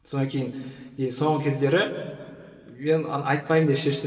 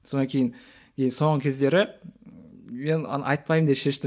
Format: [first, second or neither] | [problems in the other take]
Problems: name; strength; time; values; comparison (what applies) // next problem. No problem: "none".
second | room echo; dies away in 2 s